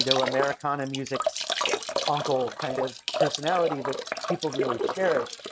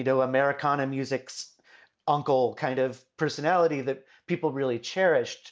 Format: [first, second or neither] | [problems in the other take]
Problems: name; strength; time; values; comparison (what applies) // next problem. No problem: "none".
second | noise reduction (neural mask model RNNoise)